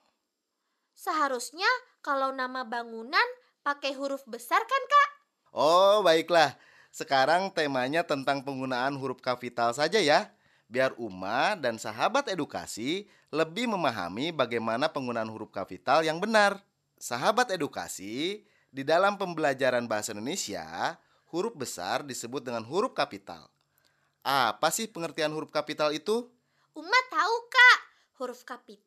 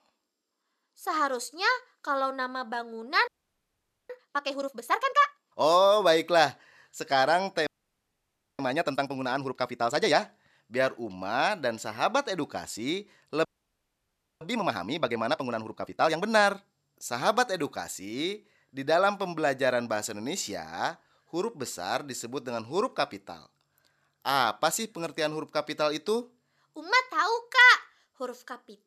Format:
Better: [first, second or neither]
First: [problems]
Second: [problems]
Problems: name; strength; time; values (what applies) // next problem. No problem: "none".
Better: first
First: none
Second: audio freezing; at 3.5 s for 1 s, at 7.5 s for 1 s and at 13 s for 1 s